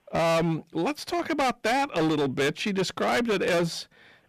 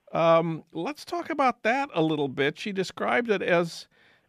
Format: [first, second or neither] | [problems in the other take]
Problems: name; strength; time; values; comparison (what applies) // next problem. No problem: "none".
second | distortion; heavy; 21% of the sound clipped